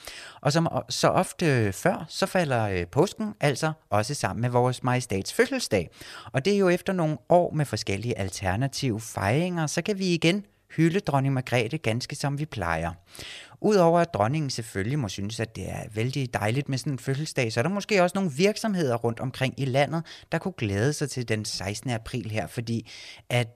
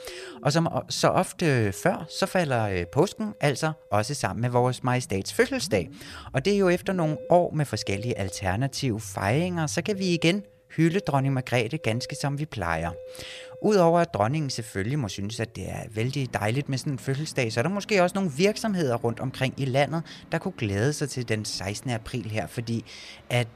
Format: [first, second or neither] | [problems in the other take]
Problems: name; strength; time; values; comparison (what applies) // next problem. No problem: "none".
first | background music; faint; throughout; 20 dB below the speech